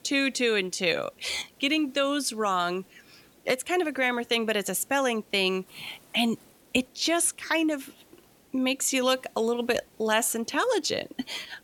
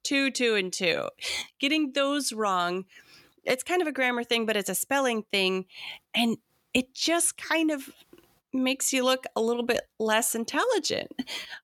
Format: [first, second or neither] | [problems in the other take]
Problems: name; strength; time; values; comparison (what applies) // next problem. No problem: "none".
second | hiss; faint; throughout; 30 dB below the speech